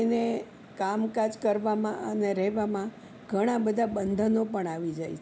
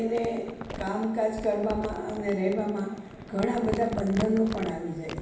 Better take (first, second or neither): first